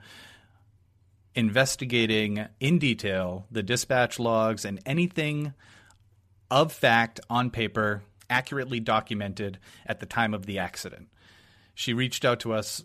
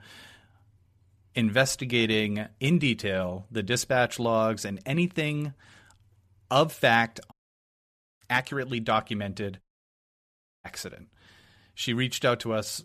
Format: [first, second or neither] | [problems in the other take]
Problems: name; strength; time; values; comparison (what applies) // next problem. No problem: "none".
first | audio cutting out; at 7.5 s for 1 s and at 9.5 s for 1 s